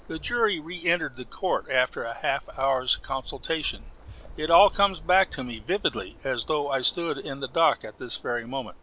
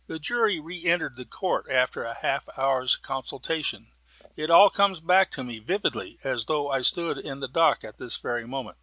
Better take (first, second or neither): second